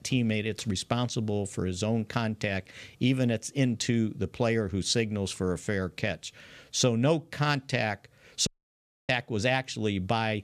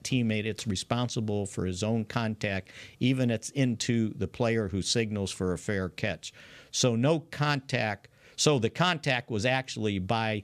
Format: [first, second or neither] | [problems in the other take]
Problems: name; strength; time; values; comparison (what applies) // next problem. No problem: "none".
second | audio cutting out; at 8.5 s for 0.5 s